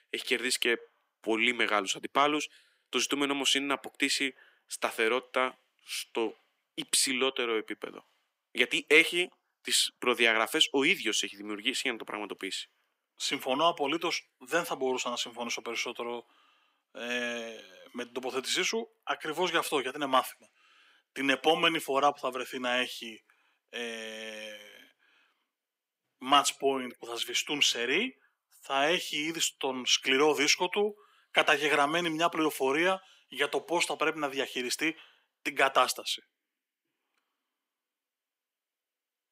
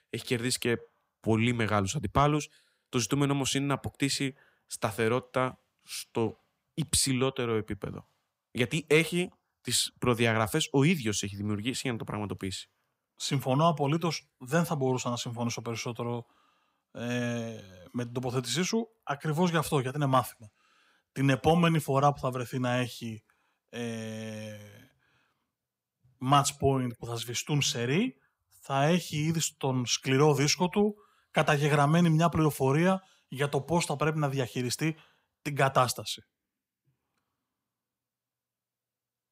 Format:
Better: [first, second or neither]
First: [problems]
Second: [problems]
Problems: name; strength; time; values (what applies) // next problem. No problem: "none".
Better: second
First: thin; somewhat; fading below 300 Hz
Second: none